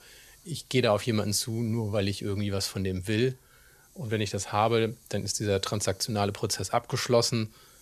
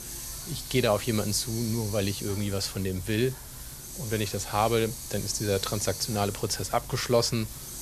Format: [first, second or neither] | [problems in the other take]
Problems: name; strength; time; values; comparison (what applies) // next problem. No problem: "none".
first | hiss; loud; throughout; 9 dB below the speech; faint in the first